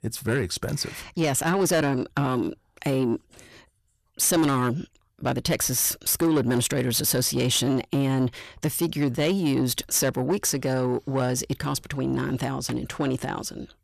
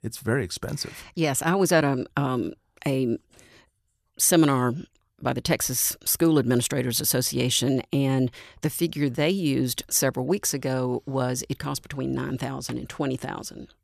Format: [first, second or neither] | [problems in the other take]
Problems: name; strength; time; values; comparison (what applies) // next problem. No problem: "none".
second | distortion; slight; 10 dB below the speech